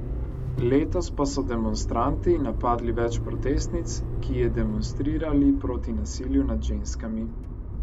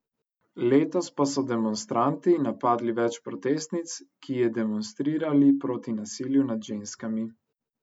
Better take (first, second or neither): second